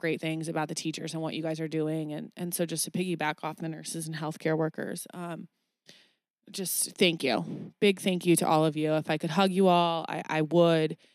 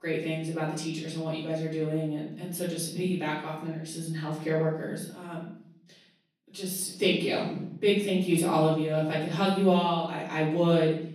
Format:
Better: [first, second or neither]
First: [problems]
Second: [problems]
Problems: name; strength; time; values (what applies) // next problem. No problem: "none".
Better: first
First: none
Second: off-mic speech; far // room echo; noticeable; dies away in 0.6 s